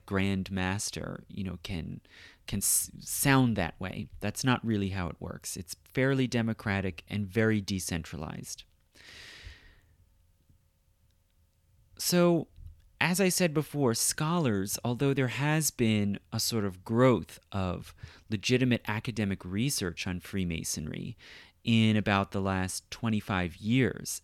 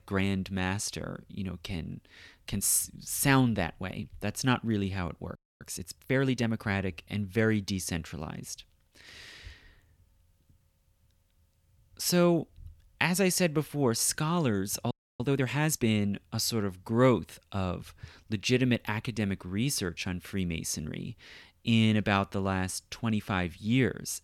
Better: first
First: none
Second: audio freezing; at 5.5 s and at 15 s

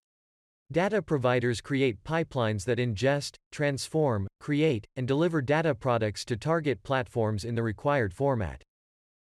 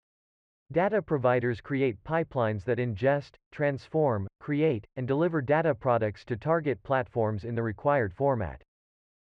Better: first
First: none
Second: muffled; very; fading above 2 kHz

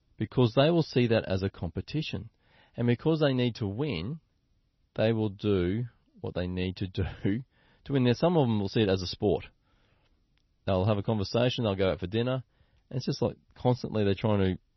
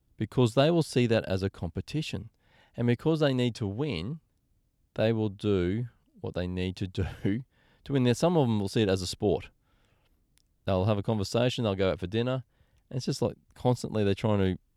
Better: second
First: garbled, watery; slightly; nothing above 6 kHz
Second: none

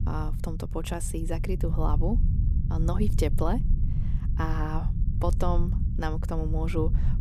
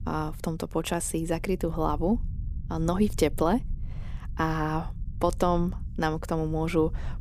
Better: second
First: low rumble; loud; throughout; 10 dB below the speech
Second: low rumble; faint; throughout; 25 dB below the speech

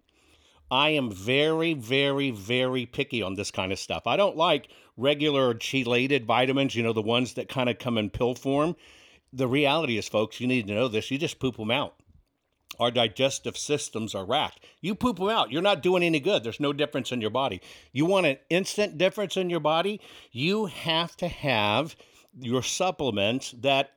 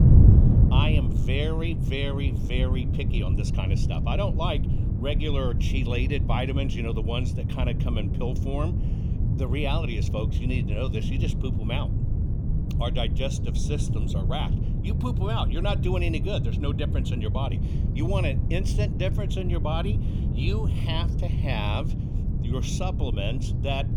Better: first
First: none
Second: wind noise on the microphone; heavy; 5 dB below the speech

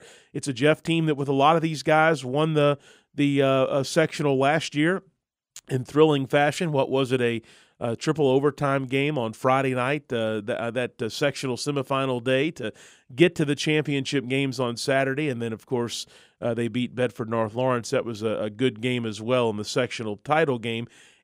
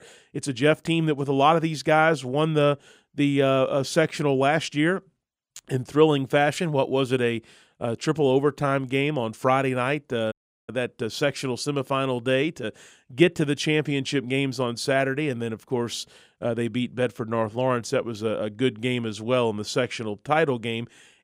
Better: first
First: none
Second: audio cutting out; at 10 s

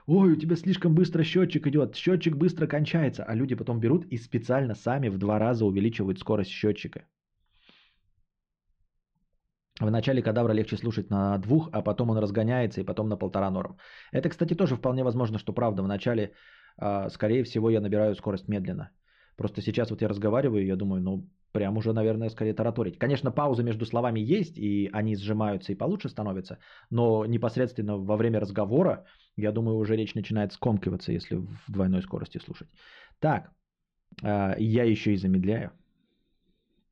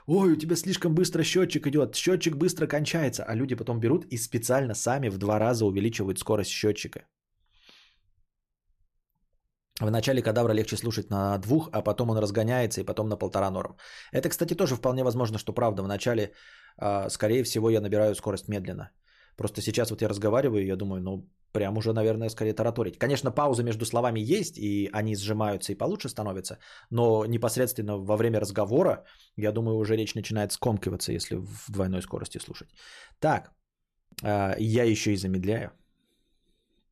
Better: second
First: muffled; slightly; fading above 4 kHz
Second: none

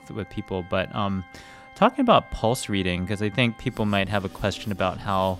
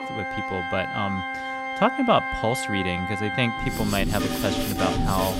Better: first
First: background music; faint; throughout; 20 dB below the speech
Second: background music; loud; throughout; 2 dB below the speech

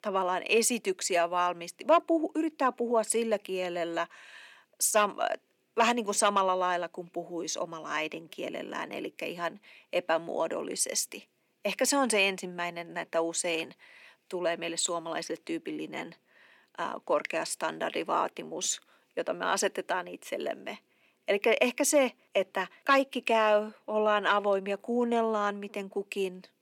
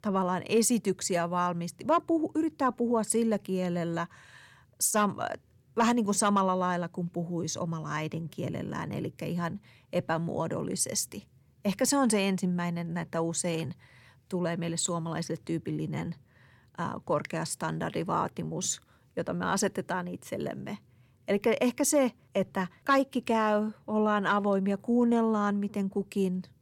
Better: second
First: thin; somewhat; fading below 250 Hz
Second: none

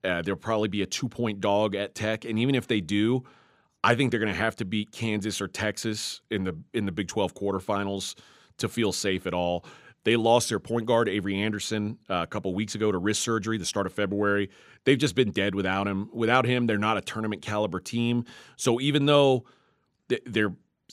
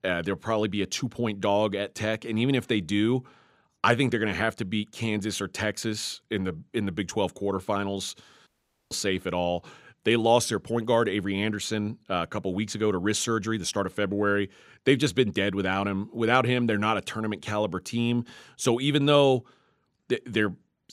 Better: first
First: none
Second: audio cutting out; at 8.5 s

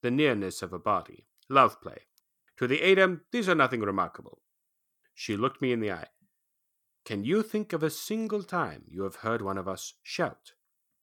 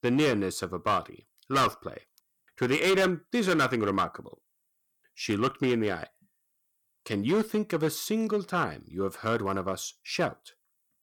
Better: first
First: none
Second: distortion; heavy; 6% of the sound clipped

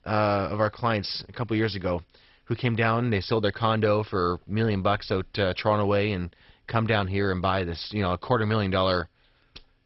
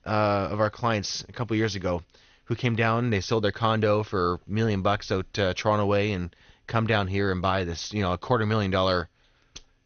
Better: second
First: garbled, watery; badly; nothing above 5.5 kHz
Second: garbled, watery; slightly; nothing above 6.5 kHz

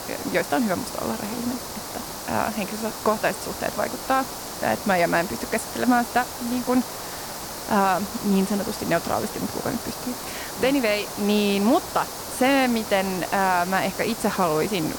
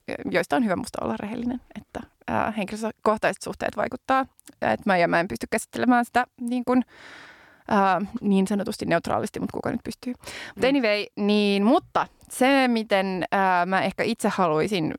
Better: second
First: hiss; loud; throughout; 8 dB below the speech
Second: none

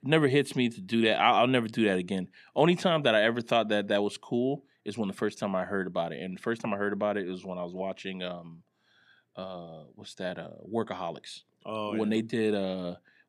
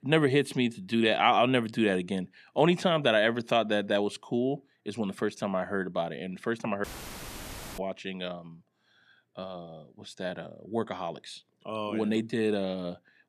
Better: first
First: none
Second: audio cutting out; filled with static; at 7 s for 1 s

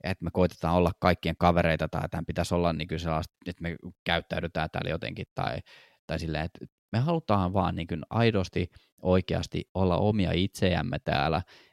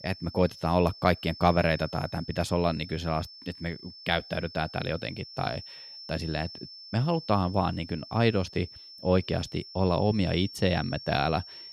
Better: first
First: none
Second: high-pitched whine; noticeable; throughout; 5.5 kHz, 15 dB below the speech

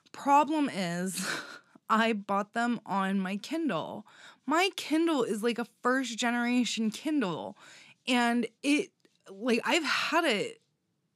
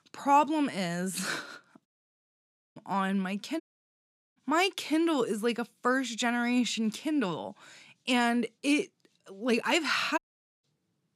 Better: first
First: none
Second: audio cutting out; at 2 s for 1 s, at 3.5 s for 1 s and at 10 s

